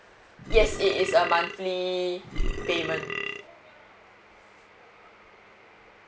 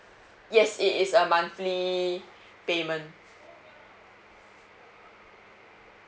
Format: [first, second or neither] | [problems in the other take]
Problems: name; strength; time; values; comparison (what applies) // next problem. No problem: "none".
second | background sound (Burping, eructation); 1 dB below the speech